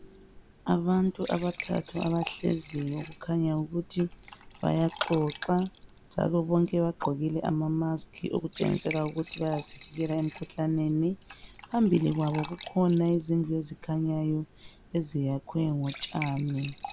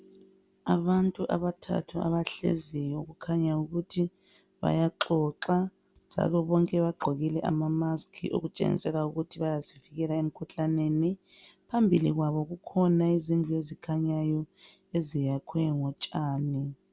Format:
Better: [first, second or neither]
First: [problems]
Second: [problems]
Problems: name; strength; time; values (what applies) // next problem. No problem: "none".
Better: second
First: background sound (Fill (with liquid) / Trickle, dribble / Glass); 17 dB below the speech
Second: none